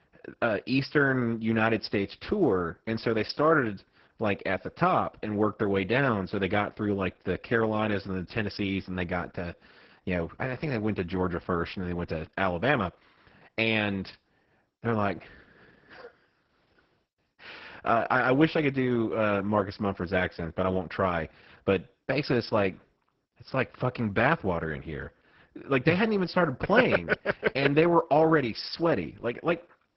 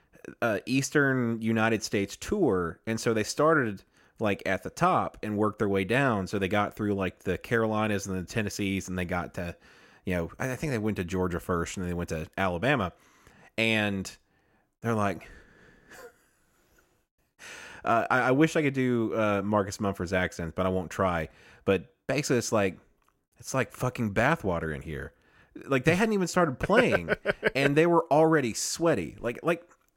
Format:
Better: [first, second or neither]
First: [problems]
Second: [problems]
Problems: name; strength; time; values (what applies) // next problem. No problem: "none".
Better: second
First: garbled, watery; badly; nothing above 5.5 kHz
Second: none